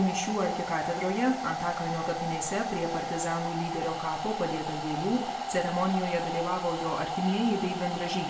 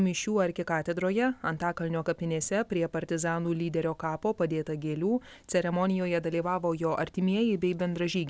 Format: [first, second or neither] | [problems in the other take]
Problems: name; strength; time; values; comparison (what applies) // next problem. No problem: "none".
second | background sound (Domestic sounds, home sounds); 4 dB below the speech // room echo; dies away in 0.6 s